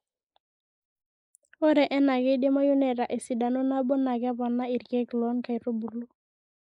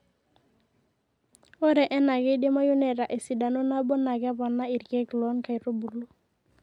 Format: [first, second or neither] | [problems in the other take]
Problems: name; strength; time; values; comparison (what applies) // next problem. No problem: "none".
second | noise reduction (neural mask model Resemble Enhance denoiser)